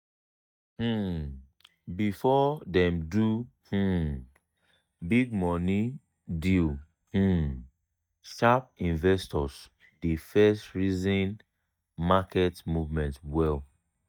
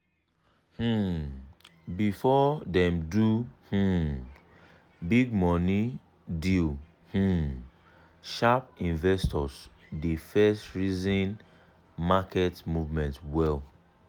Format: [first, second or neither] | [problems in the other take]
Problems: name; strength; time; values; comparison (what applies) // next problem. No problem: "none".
second | noise reduction (neural mask model DeepFilterNet 3)